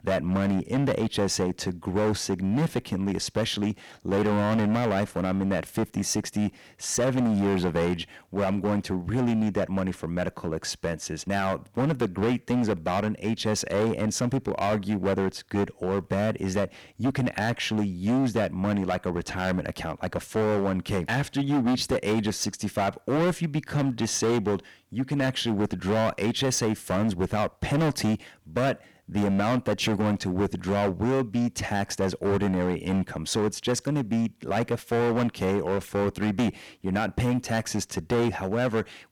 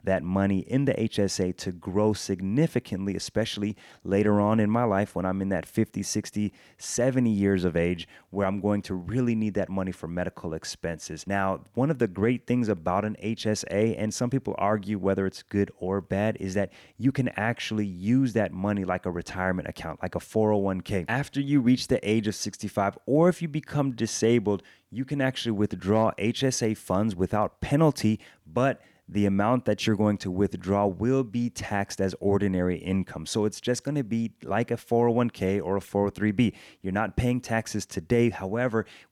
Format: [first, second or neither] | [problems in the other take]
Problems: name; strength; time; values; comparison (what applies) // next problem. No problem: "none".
second | distortion; heavy; 16% of the sound clipped